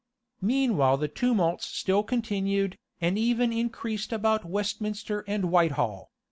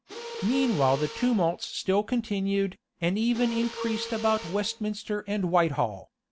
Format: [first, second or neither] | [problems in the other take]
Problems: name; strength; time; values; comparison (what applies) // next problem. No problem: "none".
first | background sound (Mechanisms); 13 dB below the speech